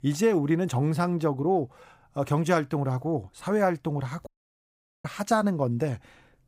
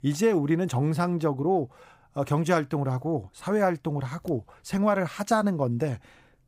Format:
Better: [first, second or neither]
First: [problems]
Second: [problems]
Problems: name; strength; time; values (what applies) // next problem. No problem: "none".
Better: second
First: audio cutting out; at 4.5 s for 1 s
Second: none